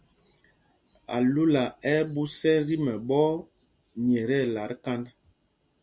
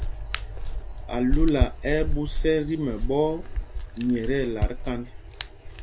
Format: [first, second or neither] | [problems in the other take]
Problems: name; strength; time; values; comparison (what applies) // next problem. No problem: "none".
first | background sound (Hands); as loud as the speech